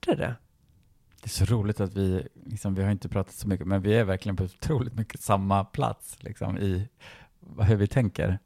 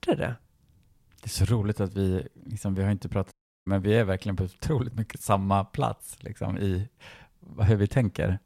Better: first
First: none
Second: audio cutting out; at 3.5 s

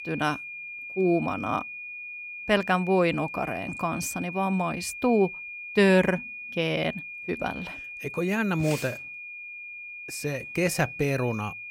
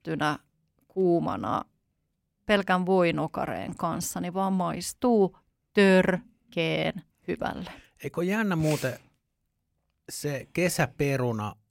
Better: second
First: high-pitched whine; loud; throughout; 2.5 kHz, 10 dB below the speech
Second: none

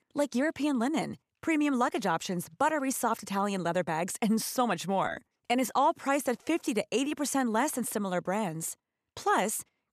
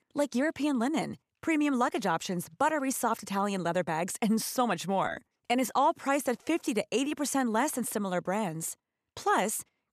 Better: neither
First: none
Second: none

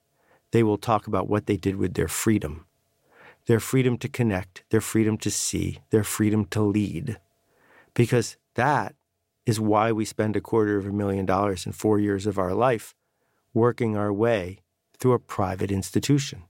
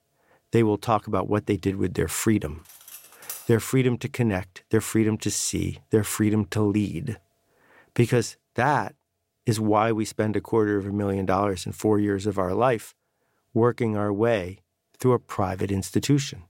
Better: first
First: none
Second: clattering dishes; faint; at 2.5 s; peak 10 dB below the speech

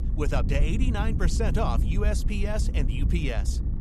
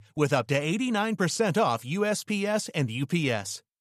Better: second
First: low rumble; loud; throughout; 9 dB below the speech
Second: none

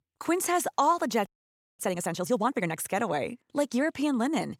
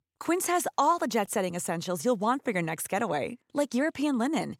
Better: second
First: audio freezing; at 1.5 s for 0.5 s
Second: none

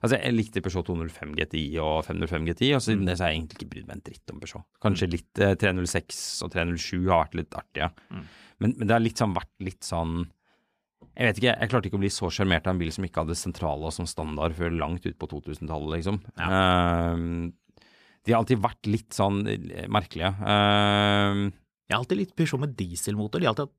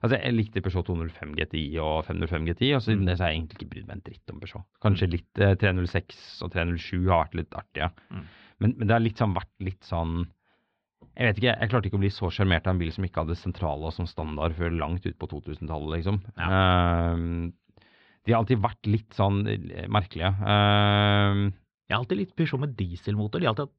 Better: first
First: none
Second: muffled; slightly; fading above 4 kHz

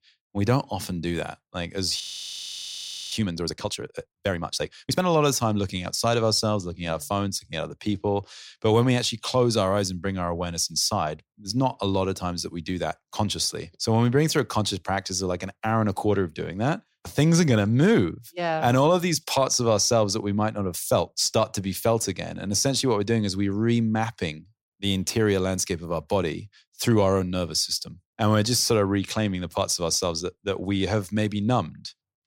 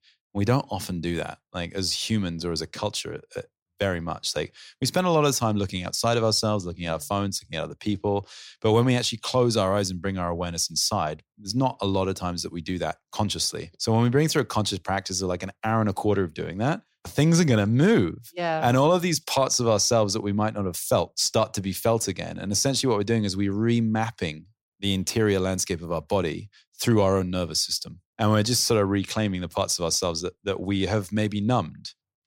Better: second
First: audio freezing; at 2 s for 1 s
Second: none

